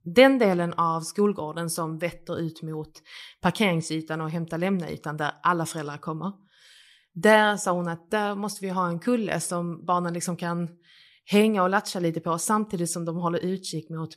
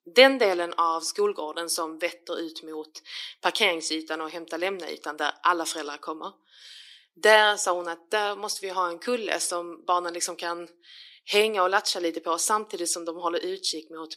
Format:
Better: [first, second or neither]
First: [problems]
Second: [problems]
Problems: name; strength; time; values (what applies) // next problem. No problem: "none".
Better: first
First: none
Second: thin; somewhat; fading below 300 Hz